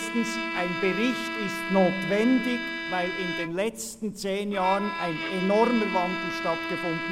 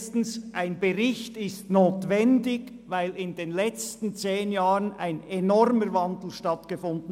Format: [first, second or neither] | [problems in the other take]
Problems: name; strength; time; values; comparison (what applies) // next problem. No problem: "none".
second | background sound (Bowed string instrument); 5 dB below the speech